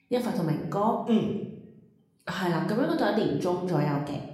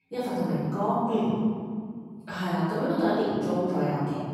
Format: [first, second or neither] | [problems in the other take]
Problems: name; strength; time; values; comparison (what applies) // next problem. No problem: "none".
first | room echo; strong; dies away in 2.1 s; slight in the first // off-mic speech; far; somewhat distant in the first